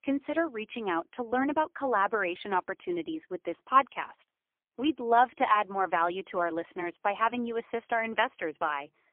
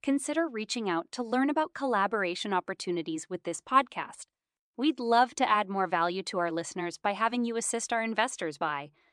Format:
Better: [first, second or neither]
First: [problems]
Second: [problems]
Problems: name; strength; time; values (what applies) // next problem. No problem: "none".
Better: second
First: phone-call audio; poor line; nothing above 3 kHz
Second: none